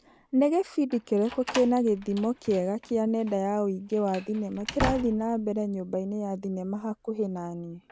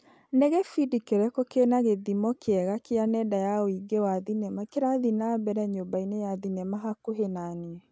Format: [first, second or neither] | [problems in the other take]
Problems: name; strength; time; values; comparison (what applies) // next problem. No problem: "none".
second | background sound (Slam); 13 dB below the speech